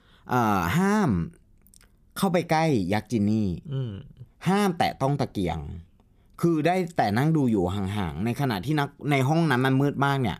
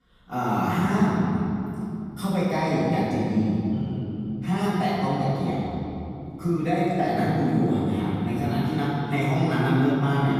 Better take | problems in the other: first | room echo; strong; dies away in 2.9 s // off-mic speech; far

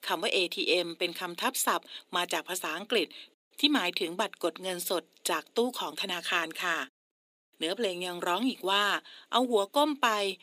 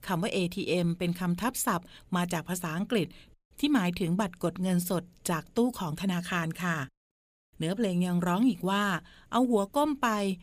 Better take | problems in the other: second | thin; somewhat; fading below 300 Hz

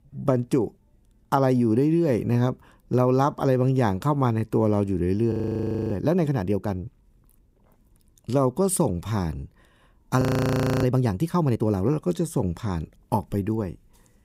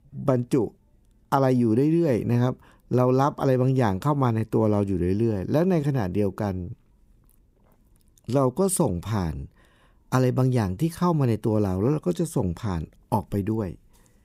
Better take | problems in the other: second | audio freezing; at 5.5 s for 0.5 s and at 10 s for 0.5 s

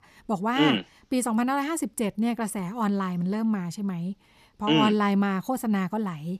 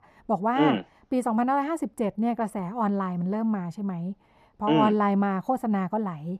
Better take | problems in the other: first | muffled; very; fading above 2.5 kHz

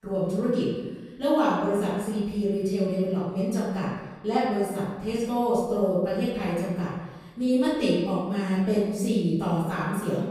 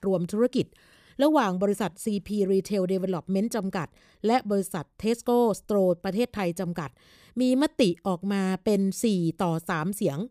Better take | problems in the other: second | room echo; strong; dies away in 1.1 s // off-mic speech; far

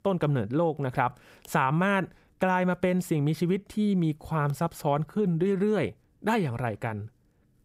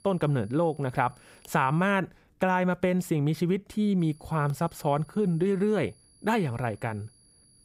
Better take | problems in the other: first | high-pitched whine; faint; until 2 s and from 4 s on; 10.5 kHz, 30 dB below the speech

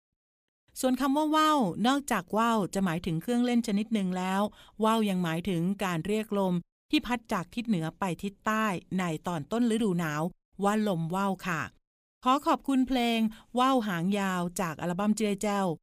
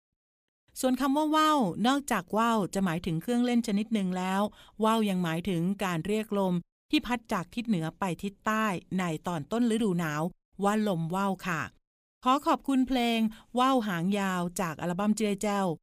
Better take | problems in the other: neither | none

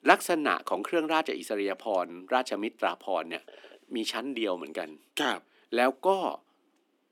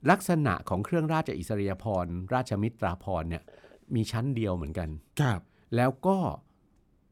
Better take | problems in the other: second | thin; somewhat; fading below 250 Hz

